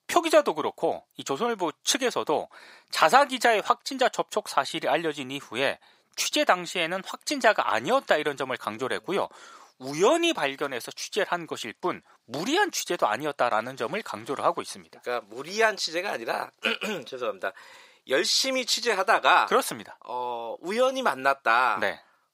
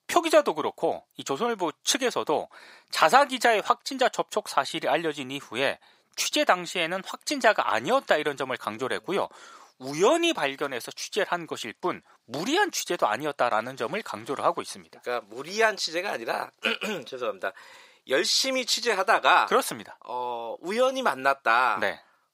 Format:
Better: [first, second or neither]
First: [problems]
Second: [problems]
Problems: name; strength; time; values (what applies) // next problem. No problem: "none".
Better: neither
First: thin; very; fading below 600 Hz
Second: thin; very; fading below 600 Hz